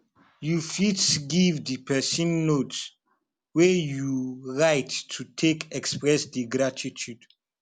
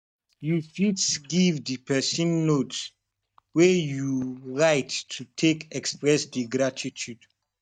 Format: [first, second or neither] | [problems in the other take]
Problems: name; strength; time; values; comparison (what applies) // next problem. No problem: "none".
first | noise reduction (neural mask model DeepFilterNet 3)